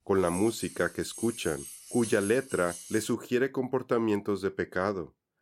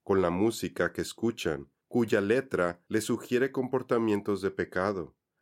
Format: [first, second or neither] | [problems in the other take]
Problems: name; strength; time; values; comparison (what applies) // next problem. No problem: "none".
second | jangling keys; noticeable; until 3 s; peak 8 dB below the speech